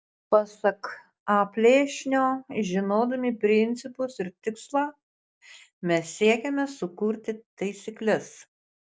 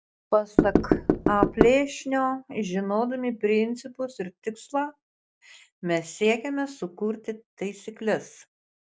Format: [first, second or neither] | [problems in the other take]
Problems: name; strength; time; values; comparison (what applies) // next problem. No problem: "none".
first | background sound (Knock / Wood); 5 dB above the speech